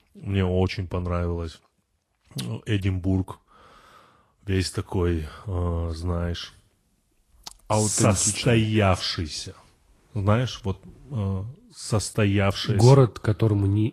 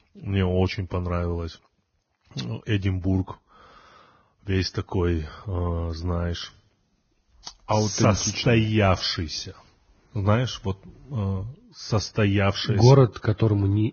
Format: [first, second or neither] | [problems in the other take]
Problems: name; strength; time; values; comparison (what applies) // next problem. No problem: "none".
first | garbled, watery; badly; nothing above 6.5 kHz; slightly in the first